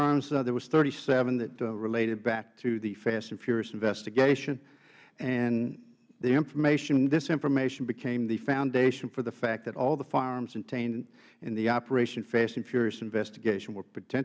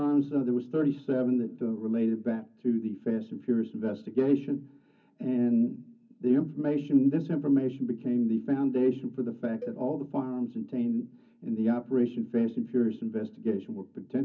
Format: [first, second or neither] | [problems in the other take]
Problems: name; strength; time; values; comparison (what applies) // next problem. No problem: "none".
first | background sound (Cowbell); 19 dB below the speech // room echo; dies away in 0.4 s